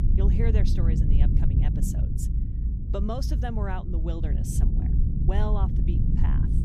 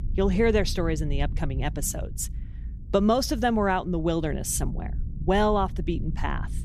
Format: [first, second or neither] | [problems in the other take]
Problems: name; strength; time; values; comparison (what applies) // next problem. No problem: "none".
second | low rumble; loud; throughout; 2 dB below the speech; faint in the second